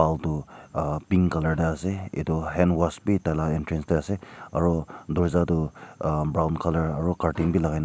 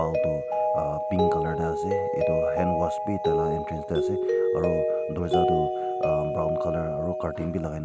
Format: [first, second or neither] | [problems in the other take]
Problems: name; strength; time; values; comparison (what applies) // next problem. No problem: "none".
first | background sound (Mallet percussion); 5 dB above the speech